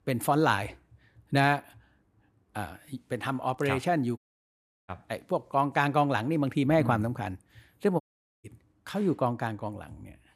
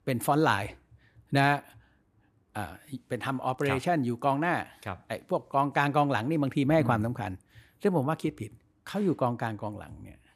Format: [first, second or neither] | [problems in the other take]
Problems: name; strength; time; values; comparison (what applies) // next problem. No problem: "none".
second | audio cutting out; at 4 s for 0.5 s and at 8 s